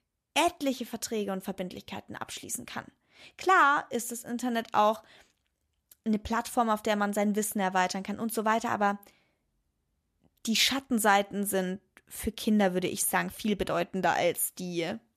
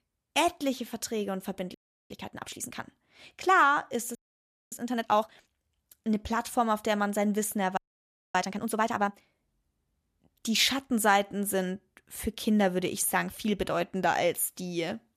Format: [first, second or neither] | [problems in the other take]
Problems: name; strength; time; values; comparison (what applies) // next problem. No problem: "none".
first | audio freezing; at 2 s, at 4 s for 0.5 s and at 8 s for 0.5 s